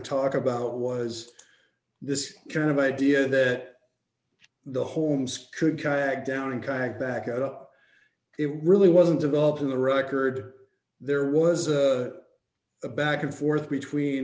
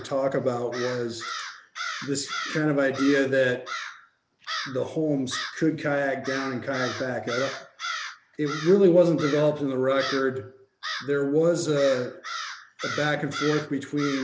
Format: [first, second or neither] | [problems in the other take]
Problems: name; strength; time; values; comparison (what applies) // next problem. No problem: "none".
first | background sound (Crow); 11 dB below the speech